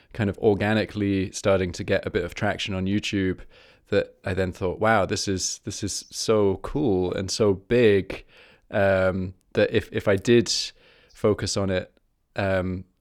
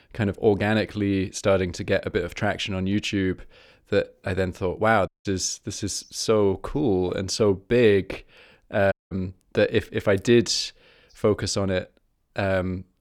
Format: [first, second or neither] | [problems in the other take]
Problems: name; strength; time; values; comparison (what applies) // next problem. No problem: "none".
first | audio cutting out; at 5 s and at 9 s